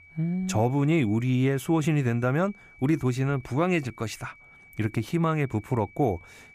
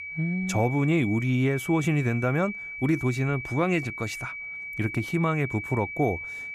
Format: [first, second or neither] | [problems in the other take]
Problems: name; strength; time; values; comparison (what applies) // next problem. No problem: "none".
first | high-pitched whine; loud; throughout; 2.5 kHz, 8 dB below the speech; faint in the first